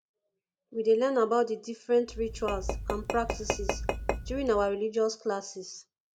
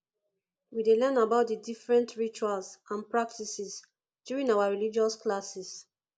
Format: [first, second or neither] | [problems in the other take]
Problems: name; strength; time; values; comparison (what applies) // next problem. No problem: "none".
second | background sound (Tap / Glass); 4 dB below the speech